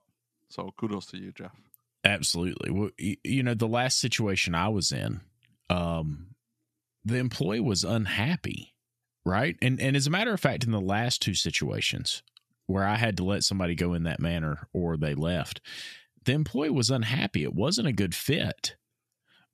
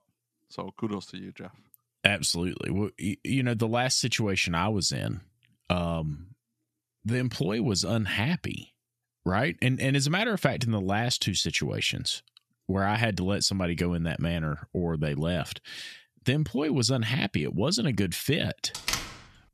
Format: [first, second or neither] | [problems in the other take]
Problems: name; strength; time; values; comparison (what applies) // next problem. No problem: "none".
first | door banging; noticeable; at 19 s; peak 2 dB below the speech